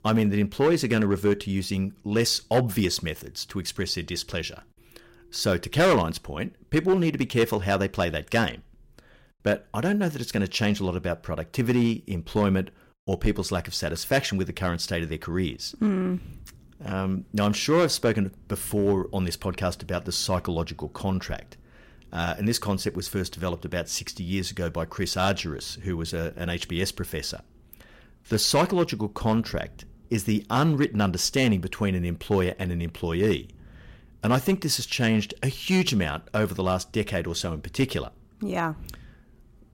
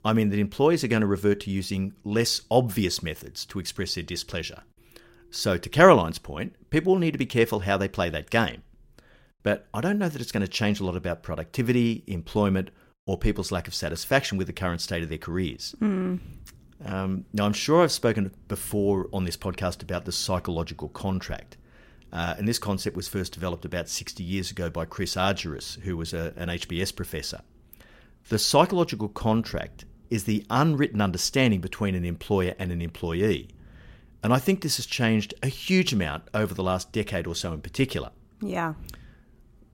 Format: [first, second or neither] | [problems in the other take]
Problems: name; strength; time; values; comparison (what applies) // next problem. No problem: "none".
second | distortion; slight; 2% of the sound clipped